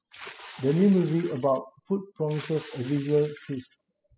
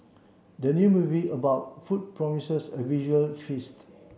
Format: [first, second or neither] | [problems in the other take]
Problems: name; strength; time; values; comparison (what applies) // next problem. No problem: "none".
second | noise reduction (classical method spectral subtraction)